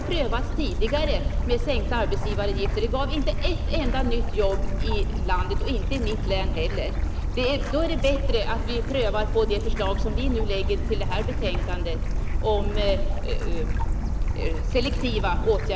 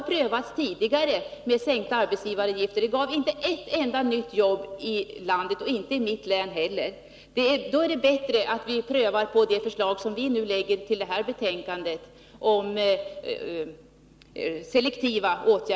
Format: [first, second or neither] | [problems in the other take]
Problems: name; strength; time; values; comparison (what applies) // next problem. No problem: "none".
second | background sound (Stream / Bird); 4 dB above the speech